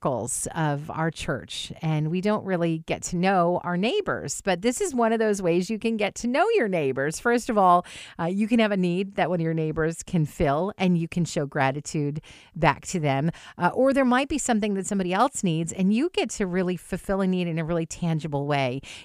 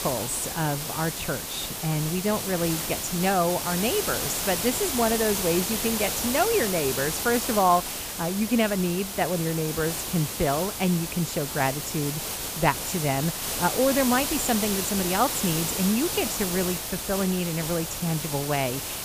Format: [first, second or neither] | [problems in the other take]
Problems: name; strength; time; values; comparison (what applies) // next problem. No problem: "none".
first | hiss; loud; throughout; 2 dB below the speech